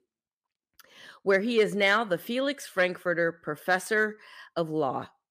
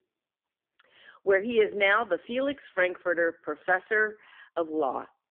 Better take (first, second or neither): first